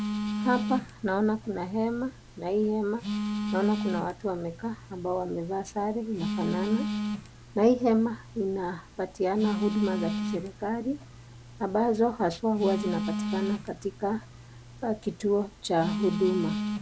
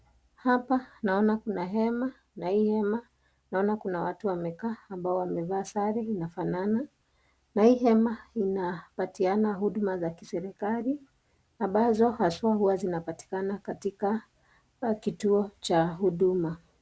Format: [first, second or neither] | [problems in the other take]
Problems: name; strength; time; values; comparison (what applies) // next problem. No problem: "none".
second | background sound (Telephone); 5 dB below the speech